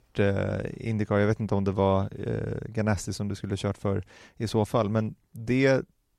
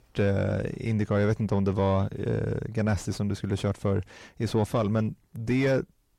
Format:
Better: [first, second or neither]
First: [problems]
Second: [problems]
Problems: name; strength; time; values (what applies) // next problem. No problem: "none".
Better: first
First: none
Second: distortion; slight; 10 dB below the speech